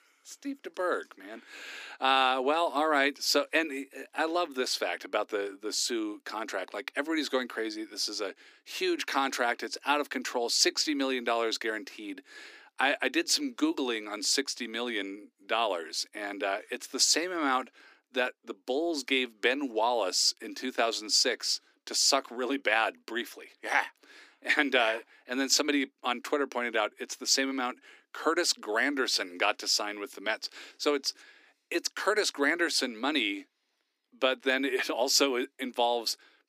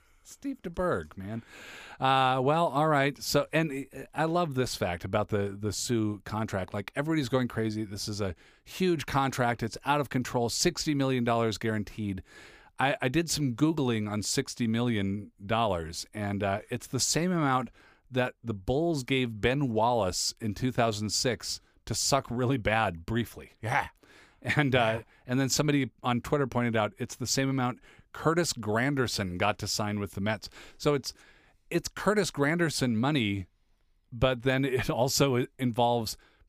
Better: second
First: thin; very slightly; fading below 250 Hz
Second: none

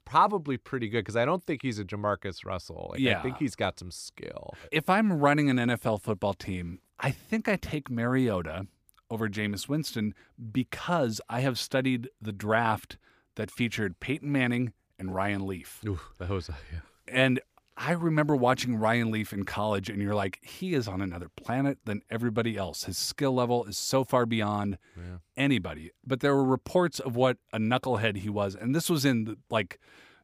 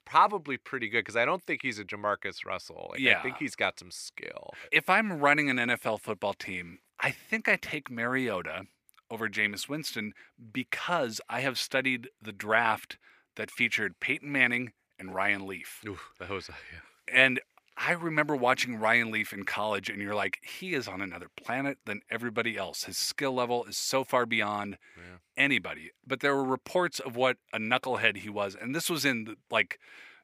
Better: first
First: none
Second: thin; somewhat; fading below 900 Hz

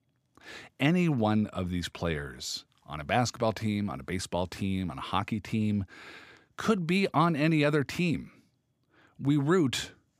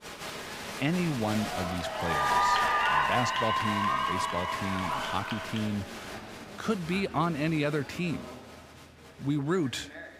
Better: first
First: none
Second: crowd noise; very loud; throughout; 2 dB above the speech

